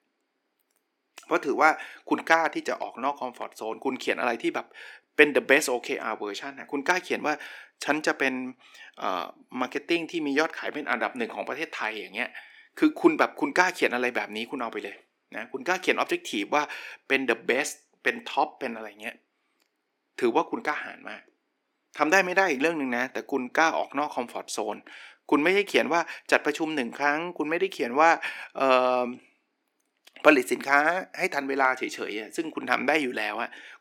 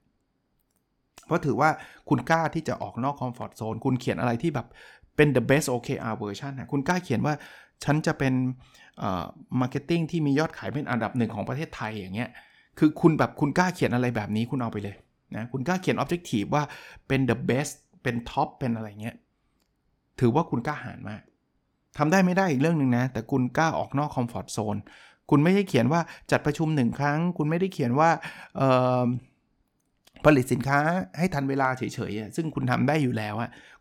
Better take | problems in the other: second | thin; somewhat; fading below 350 Hz

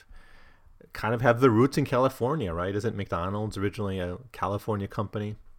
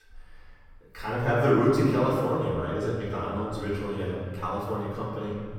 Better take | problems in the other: first | off-mic speech; far // room echo; strong; dies away in 1.6 s

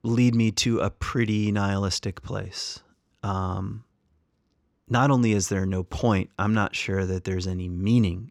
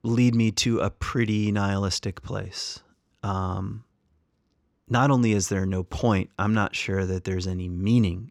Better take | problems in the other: neither | none

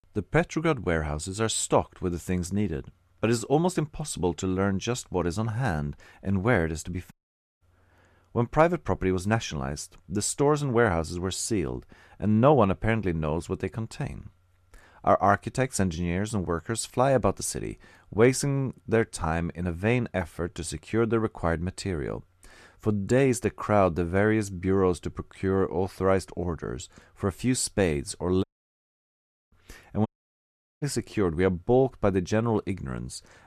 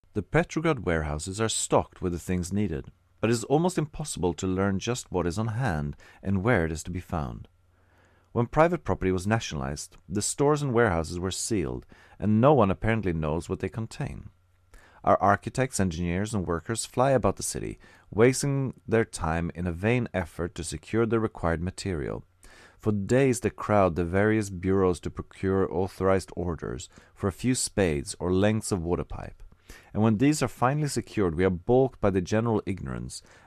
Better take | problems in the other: second | audio cutting out; at 7 s, at 28 s for 1 s and at 30 s for 1 s

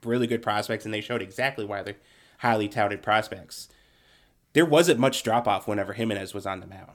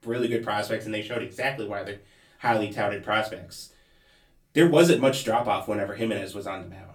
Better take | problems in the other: first | off-mic speech; far // room echo; very slight; dies away in 0.2 s

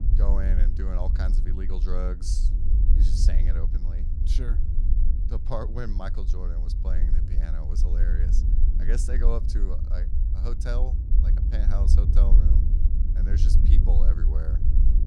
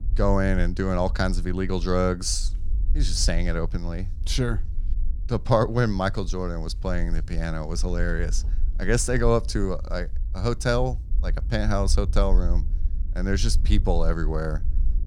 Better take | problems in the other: second | low rumble; loud; throughout; 4 dB below the speech; faint in the second

